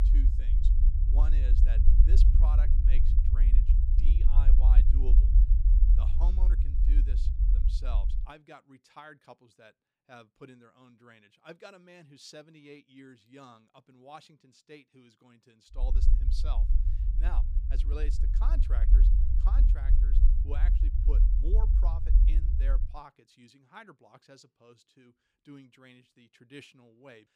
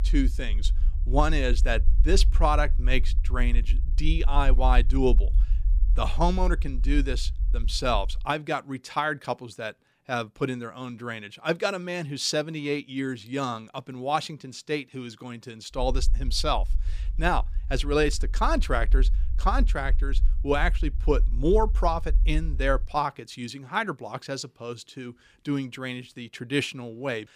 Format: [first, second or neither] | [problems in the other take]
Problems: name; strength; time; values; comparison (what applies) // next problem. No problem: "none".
second | low rumble; loud; until 8 s and from 16 to 23 s; 1 dB below the speech; faint in the second